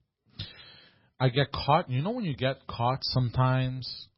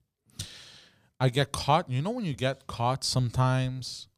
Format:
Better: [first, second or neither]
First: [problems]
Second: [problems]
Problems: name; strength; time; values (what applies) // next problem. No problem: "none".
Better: second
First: garbled, watery; badly; nothing above 5.5 kHz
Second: none